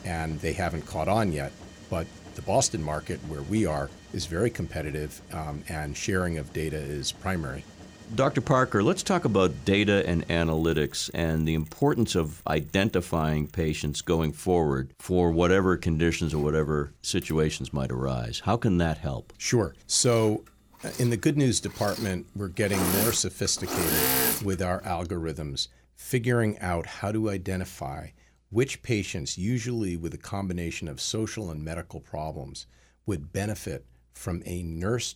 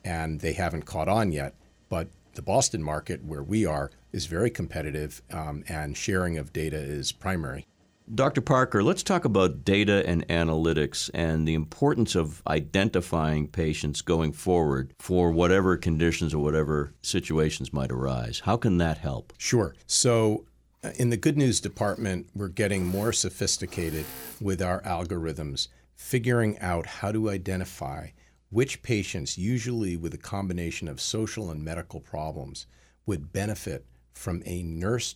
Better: second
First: machinery noise; loud; until 25 s; 3 dB below the speech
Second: machinery noise; faint; until 25 s; 20 dB below the speech

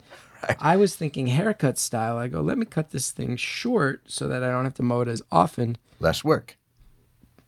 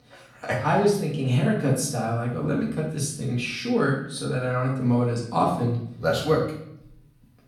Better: first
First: none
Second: off-mic speech; far // room echo; noticeable; dies away in 0.6 s

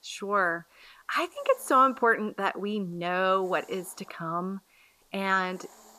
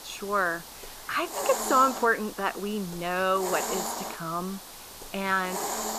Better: first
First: hiss; faint; throughout; 30 dB below the speech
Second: hiss; loud; throughout; 7 dB below the speech

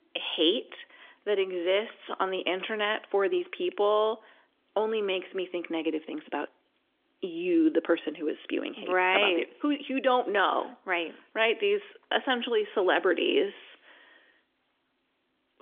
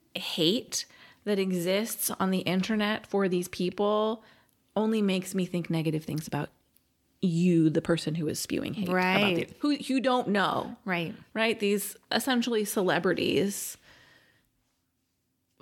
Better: second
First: phone-call audio; nothing above 3.5 kHz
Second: none

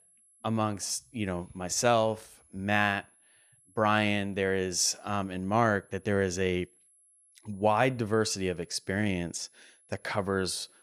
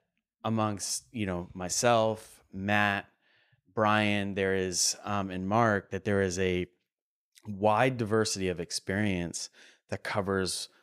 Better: second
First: high-pitched whine; faint; throughout; 11 kHz, 30 dB below the speech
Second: none

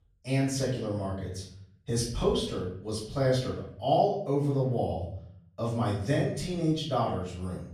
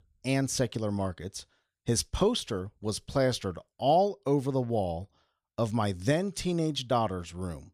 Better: second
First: off-mic speech; far // room echo; noticeable; dies away in 0.6 s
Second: none

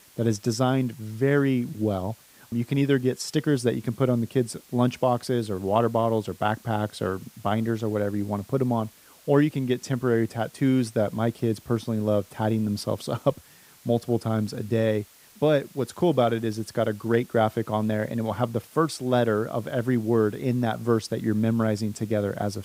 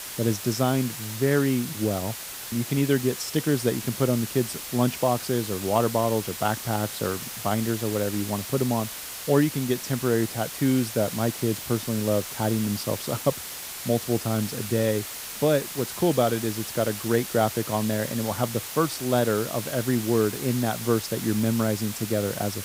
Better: first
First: hiss; faint; throughout; 25 dB below the speech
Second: hiss; loud; throughout; 7 dB below the speech

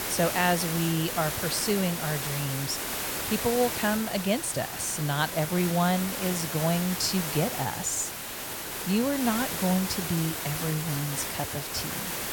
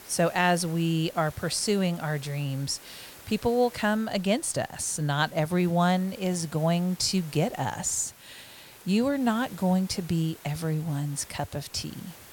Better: second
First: hiss; loud; throughout; 3 dB below the speech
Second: hiss; faint; throughout; 20 dB below the speech

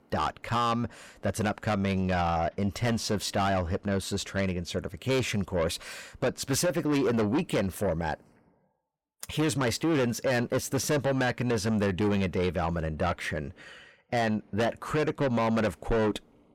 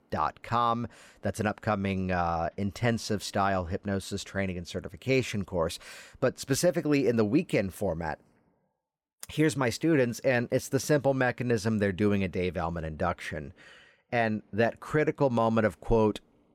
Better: second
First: distortion; heavy; 8 dB below the speech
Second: none

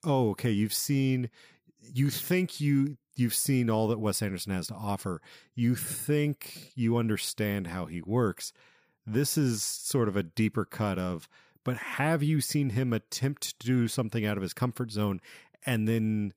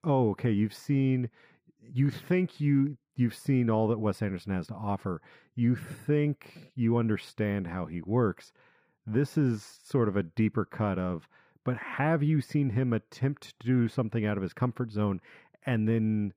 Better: first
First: none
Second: muffled; very; fading above 3.5 kHz

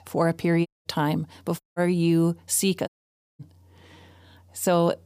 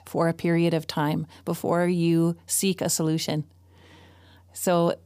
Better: second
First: audio cutting out; at 0.5 s, at 1.5 s and at 3 s for 0.5 s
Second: none

